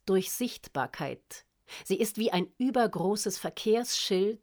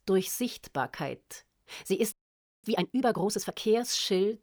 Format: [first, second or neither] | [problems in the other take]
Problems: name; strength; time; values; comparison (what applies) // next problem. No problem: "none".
first | audio freezing; at 2 s for 0.5 s